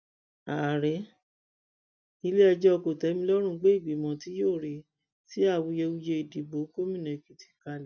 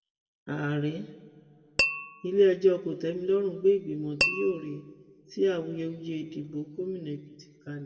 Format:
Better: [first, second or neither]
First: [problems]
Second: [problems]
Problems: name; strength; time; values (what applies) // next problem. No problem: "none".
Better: first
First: none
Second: background sound (Tap / Glass); 3 dB below the speech // room echo; dies away in 1.7 s